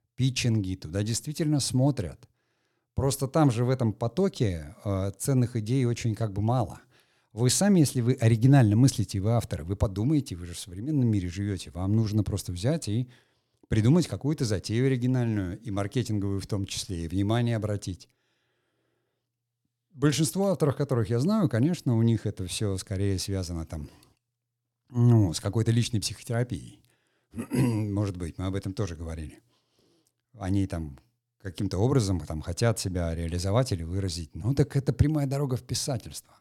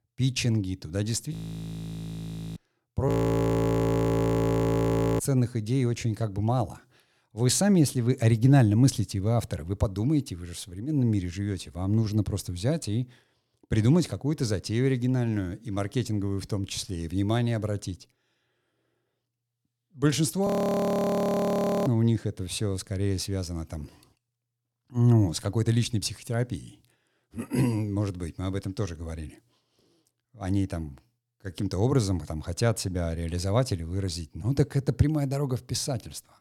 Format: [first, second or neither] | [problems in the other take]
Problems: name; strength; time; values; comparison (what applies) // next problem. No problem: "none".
first | audio freezing; at 1.5 s for 1 s, at 3 s for 2 s and at 20 s for 1.5 s